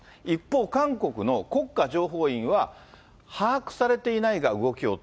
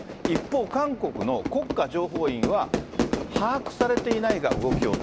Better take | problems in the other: first | background sound (Fire / Fireworks); 2 dB below the speech

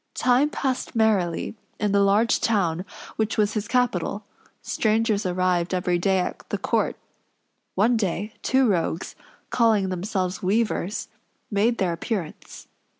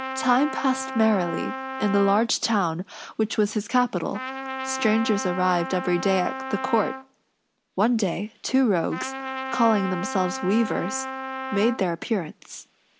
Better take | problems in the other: first | background sound (Trumpet); 9 dB below the speech

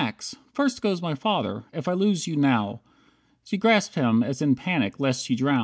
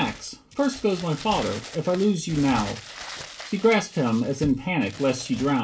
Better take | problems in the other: first | background sound (Crumpling, crinkling); 15 dB below the speech // room echo; dies away in 0.2 s

